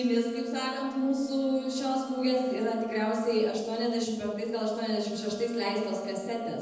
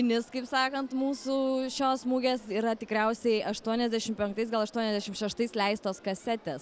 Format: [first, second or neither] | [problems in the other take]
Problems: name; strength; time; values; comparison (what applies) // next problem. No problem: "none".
second | noise reduction (neural separator model SepFormer DNS4)